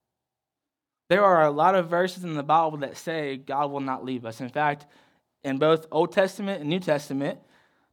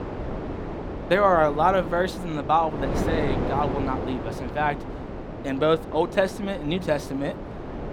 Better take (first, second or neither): first